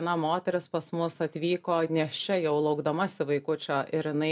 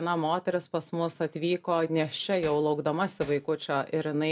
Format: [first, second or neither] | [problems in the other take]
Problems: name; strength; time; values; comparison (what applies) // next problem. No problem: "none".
first | background sound (Hammer); 19 dB below the speech